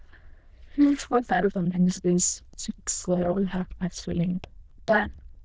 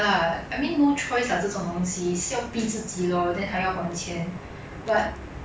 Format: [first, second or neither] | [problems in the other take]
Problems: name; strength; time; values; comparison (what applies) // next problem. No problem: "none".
second | noise reduction (neural diffusion model UNIVERSE++)